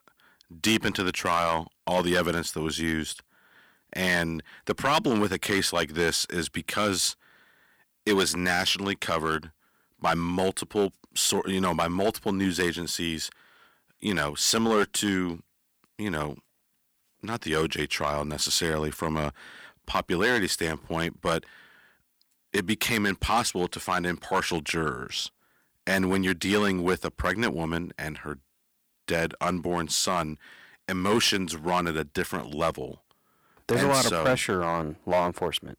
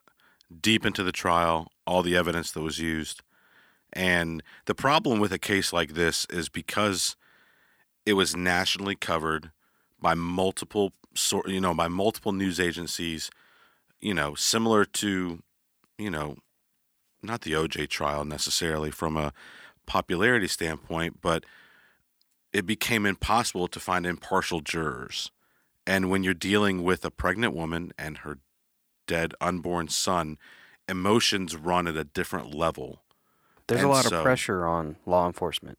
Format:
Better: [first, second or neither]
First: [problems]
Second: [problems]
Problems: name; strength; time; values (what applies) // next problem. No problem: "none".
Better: second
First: distortion; slight; 3% of the sound clipped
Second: none